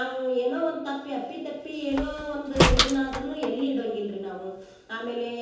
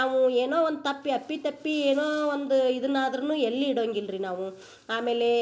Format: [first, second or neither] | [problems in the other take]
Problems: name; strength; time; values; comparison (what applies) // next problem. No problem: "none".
second | background sound (Slam); 1 dB above the speech // room echo; dies away in 0.8 s